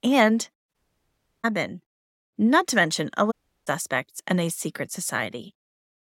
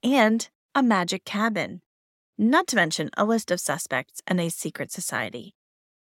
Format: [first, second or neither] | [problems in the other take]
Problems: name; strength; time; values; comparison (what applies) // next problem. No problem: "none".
second | audio cutting out; at 0.5 s for 0.5 s and at 3.5 s